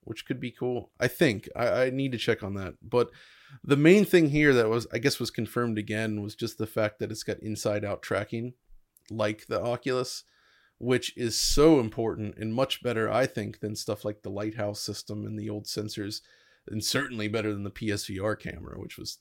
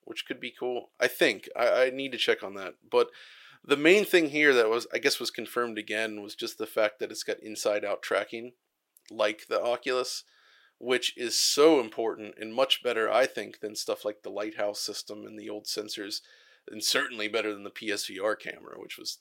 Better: first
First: none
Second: thin; somewhat; fading below 500 Hz

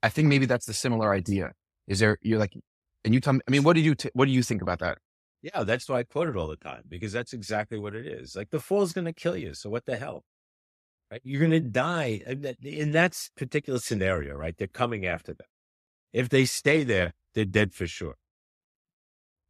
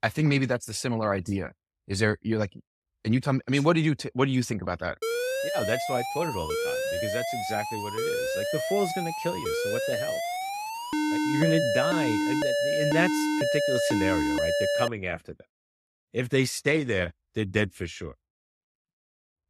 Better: first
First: none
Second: alarm; loud; from 5 to 15 s; peak 4 dB above the speech

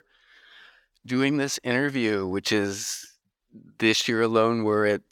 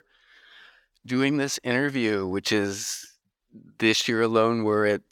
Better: neither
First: thin; very slightly; fading below 600 Hz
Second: thin; very slightly; fading below 600 Hz

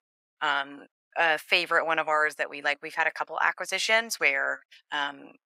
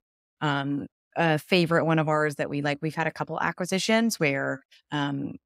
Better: second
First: thin; very; fading below 750 Hz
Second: none

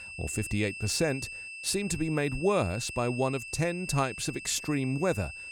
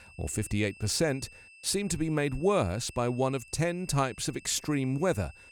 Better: second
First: high-pitched whine; loud; throughout; 2.5 kHz, 9 dB below the speech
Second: high-pitched whine; faint; throughout; 2.5 kHz, 20 dB below the speech

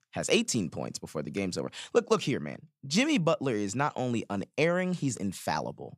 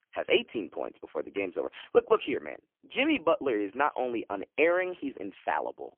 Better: first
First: none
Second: phone-call audio; poor line; nothing above 3 kHz

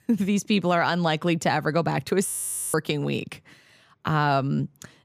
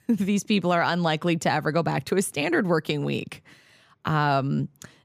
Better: second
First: audio freezing; at 2.5 s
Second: none

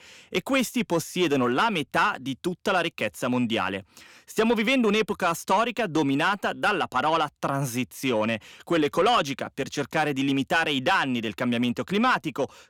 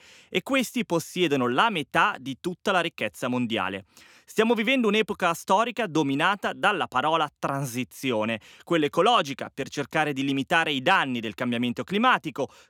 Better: second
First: distortion; slight; 10 dB below the speech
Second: none

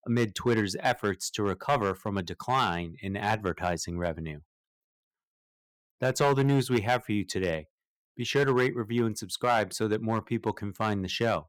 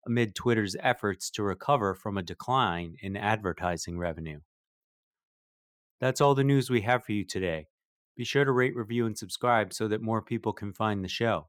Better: second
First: distortion; slight; 2% of the sound clipped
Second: none

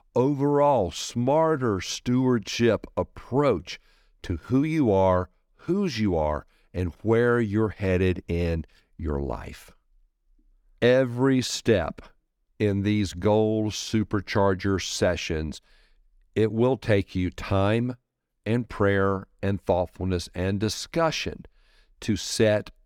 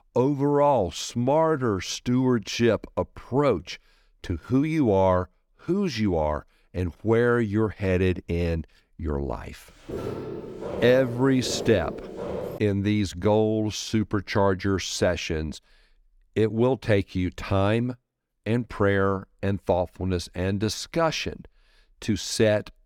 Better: first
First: none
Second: footsteps; noticeable; from 10 to 13 s; peak 7 dB below the speech

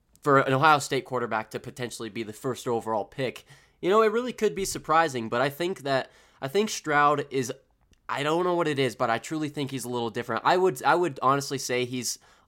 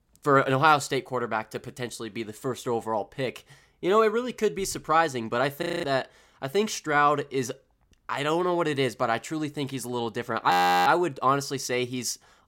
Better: first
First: none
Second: audio freezing; at 5.5 s and at 11 s

